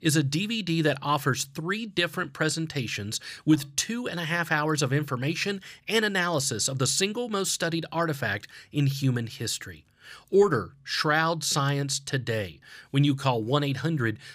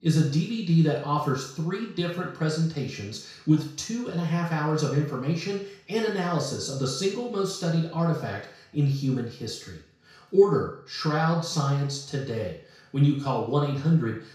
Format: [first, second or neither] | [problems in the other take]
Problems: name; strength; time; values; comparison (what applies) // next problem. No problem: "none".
first | room echo; noticeable; dies away in 0.6 s // off-mic speech; far